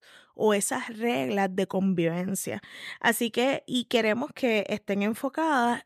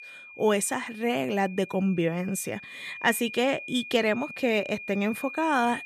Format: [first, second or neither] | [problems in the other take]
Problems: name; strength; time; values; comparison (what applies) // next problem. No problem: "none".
first | high-pitched whine; noticeable; throughout; 2.5 kHz, 15 dB below the speech